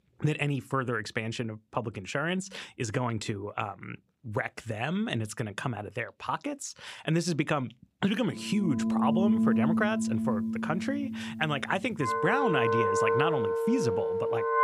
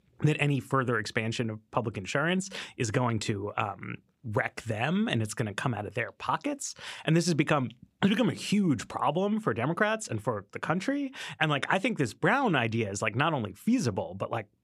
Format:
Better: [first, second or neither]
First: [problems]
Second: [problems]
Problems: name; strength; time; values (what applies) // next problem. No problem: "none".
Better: second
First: background music; very loud; from 8.5 s on; 3 dB above the speech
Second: none